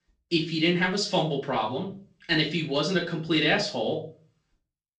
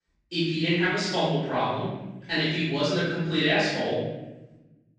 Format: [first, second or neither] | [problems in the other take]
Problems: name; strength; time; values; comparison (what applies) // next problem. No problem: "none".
first | room echo; strong; dies away in 1.1 s; slight in the first // off-mic speech; far; far in the first